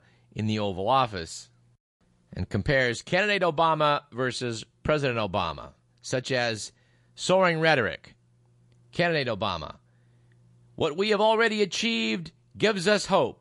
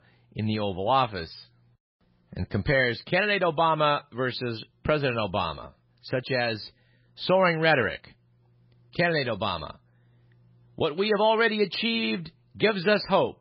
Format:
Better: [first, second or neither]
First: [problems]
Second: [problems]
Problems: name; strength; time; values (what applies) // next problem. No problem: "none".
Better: first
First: garbled, watery; slightly; nothing above 11 kHz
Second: garbled, watery; badly; nothing above 5 kHz